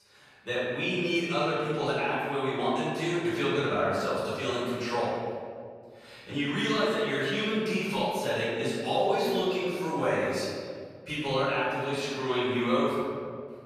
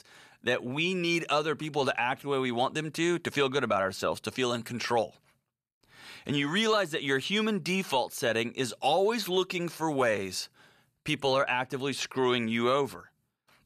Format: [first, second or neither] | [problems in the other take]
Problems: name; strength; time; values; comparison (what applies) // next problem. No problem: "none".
second | off-mic speech; far // room echo; strong; dies away in 1.9 s